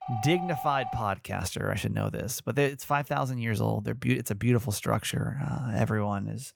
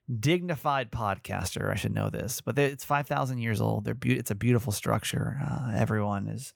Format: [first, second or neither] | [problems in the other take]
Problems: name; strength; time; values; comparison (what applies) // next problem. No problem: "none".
second | phone ringing; noticeable; until 1 s; peak 6 dB below the speech